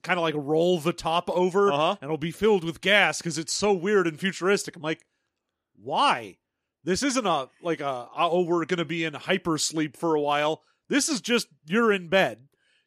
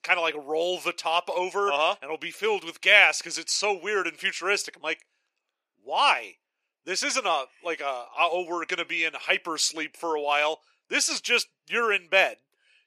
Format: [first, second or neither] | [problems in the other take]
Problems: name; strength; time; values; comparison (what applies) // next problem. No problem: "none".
first | thin; very; fading below 600 Hz